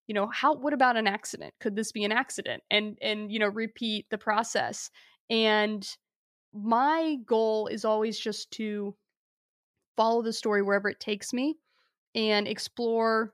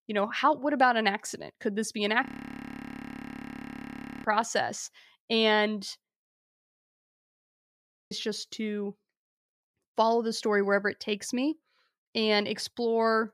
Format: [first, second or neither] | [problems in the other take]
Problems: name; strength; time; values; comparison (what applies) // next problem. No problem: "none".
first | audio freezing; at 2.5 s for 2 s and at 6.5 s for 1.5 s